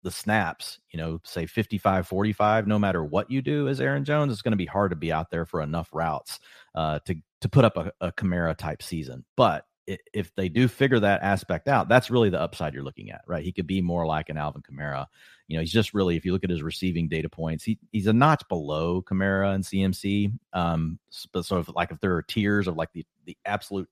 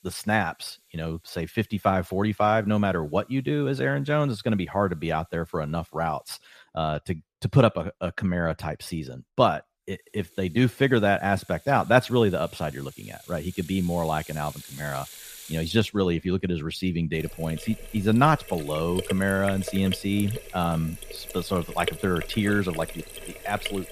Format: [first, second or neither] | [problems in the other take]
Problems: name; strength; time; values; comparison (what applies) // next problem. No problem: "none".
first | household noises; noticeable; throughout; 15 dB below the speech